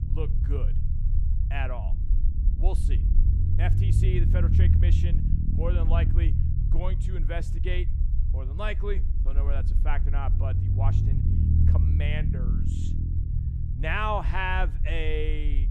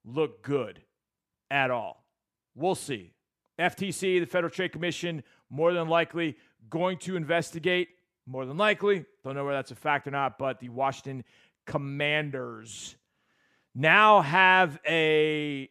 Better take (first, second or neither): second